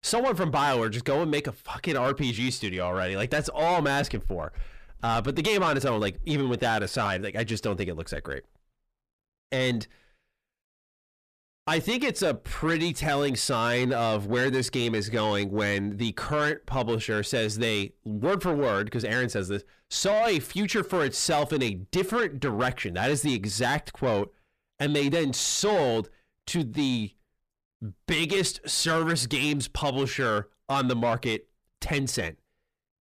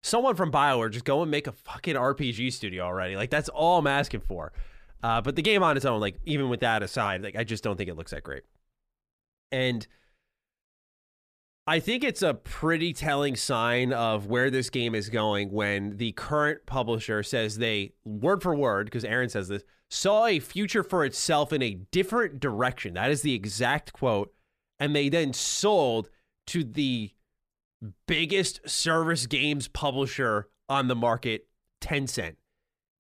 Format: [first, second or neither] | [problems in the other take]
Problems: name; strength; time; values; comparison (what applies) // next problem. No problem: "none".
second | distortion; slight; 10 dB below the speech